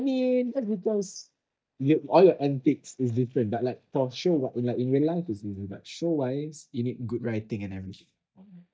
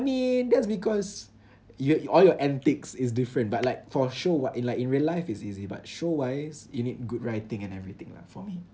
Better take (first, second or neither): second